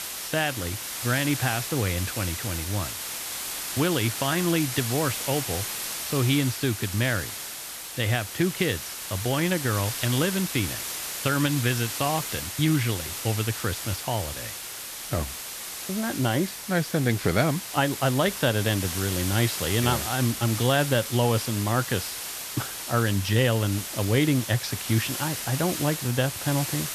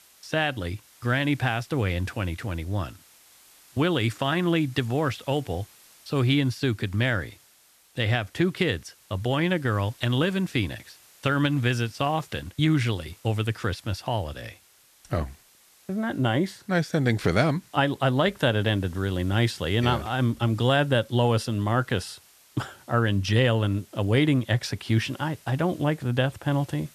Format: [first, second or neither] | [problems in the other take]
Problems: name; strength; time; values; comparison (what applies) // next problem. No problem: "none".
second | hiss; loud; throughout; 5 dB below the speech; faint in the second